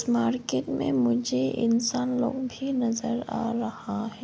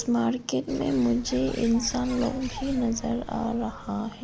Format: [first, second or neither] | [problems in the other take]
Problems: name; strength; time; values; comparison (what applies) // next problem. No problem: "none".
first | background sound (Bird); 13 dB below the speech